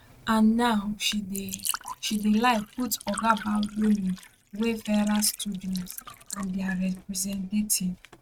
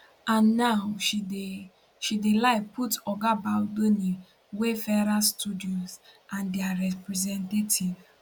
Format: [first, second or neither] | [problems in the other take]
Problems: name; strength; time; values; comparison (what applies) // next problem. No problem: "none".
second | noise reduction (neural mask model RNNoise)